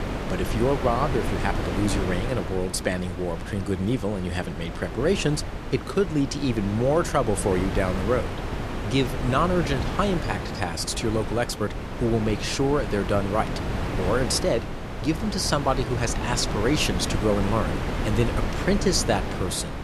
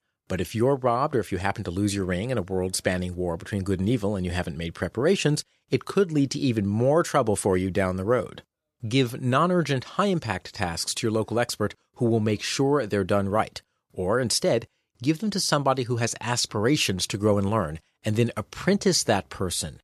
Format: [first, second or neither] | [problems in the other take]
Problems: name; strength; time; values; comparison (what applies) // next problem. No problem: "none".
second | wind noise on the microphone; heavy; 6 dB below the speech